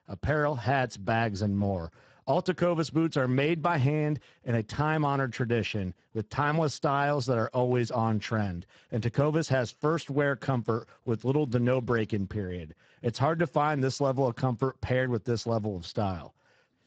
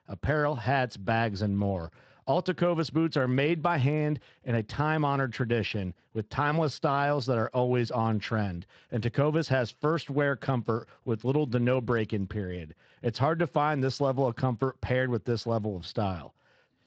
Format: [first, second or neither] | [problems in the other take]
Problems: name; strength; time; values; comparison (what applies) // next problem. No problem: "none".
second | garbled, watery; badly; nothing above 7.5 kHz; slightly in the second